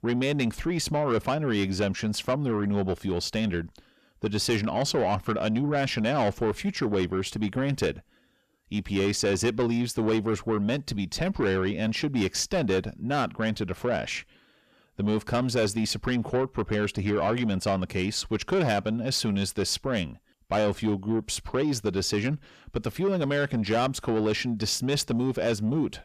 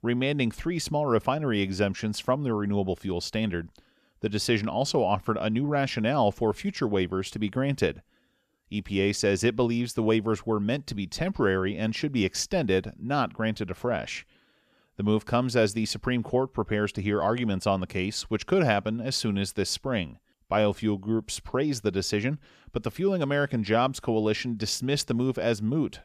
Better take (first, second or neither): second